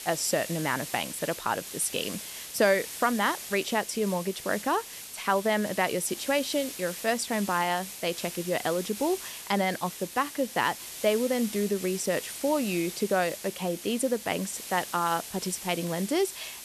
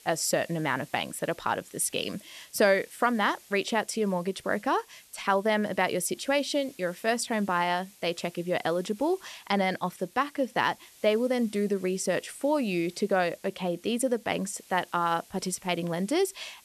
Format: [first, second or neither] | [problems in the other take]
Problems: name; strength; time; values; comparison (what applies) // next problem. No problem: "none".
second | hiss; loud; throughout; 9 dB below the speech; faint in the second